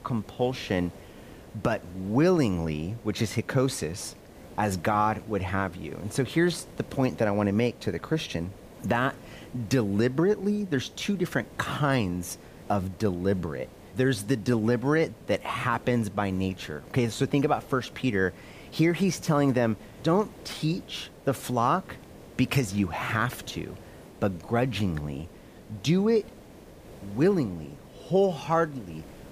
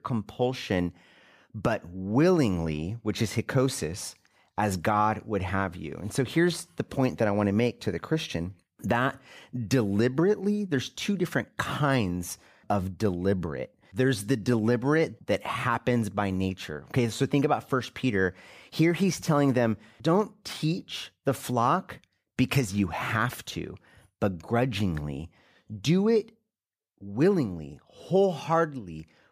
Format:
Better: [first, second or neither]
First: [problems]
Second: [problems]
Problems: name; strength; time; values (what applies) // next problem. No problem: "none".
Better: second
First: hiss; faint; throughout; 20 dB below the speech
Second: none